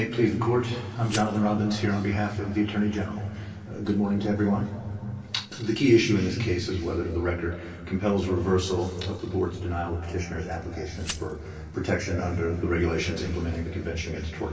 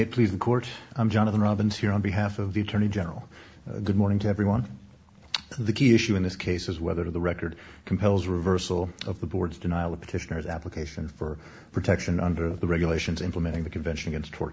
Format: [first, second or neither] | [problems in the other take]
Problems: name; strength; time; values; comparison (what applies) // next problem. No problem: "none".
second | background sound (Glass); 17 dB below the speech // room echo; dies away in 2.5 s